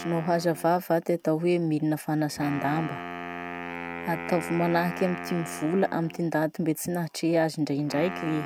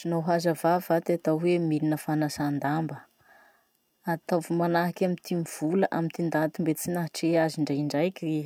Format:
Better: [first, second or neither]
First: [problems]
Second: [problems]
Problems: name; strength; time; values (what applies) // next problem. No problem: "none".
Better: second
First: background sound (Wind instrument, woodwind instrument); 11 dB below the speech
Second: none